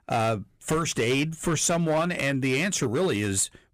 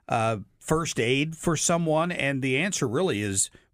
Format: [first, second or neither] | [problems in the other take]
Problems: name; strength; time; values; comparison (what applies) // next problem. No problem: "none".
second | distortion; slight; 10% of the sound clipped